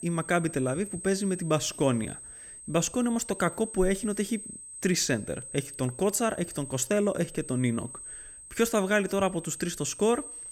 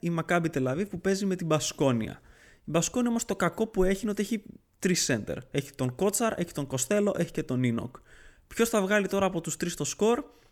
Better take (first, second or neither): second